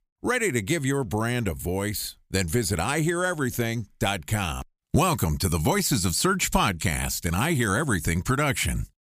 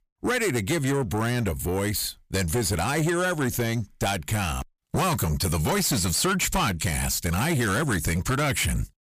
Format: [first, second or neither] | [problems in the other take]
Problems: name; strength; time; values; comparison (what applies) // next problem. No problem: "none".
first | distortion; heavy; 8 dB below the speech